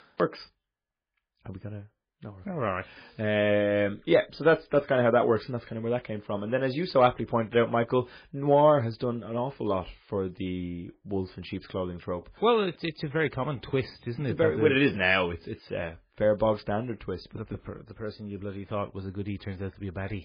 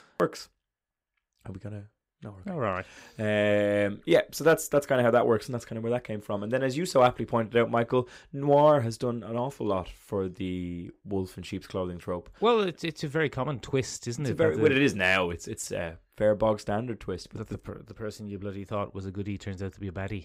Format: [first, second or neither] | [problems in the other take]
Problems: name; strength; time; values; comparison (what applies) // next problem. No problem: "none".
second | garbled, watery; badly; nothing above 5 kHz